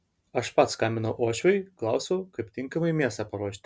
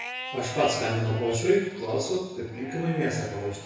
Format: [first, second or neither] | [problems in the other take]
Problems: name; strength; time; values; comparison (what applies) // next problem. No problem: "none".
first | background sound (Livestock, farm animals, working animals); 12 dB below the speech // room echo; dies away in 1 s